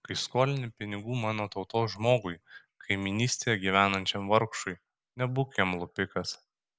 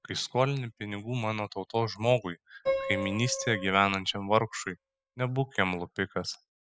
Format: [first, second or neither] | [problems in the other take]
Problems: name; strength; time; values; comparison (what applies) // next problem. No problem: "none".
first | noise reduction (classical method spectral subtraction)